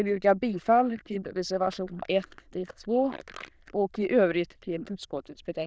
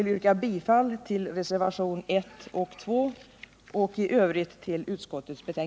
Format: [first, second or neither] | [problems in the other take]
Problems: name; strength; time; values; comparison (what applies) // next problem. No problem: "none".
second | noise reduction (neural diffusion model UNIVERSE++)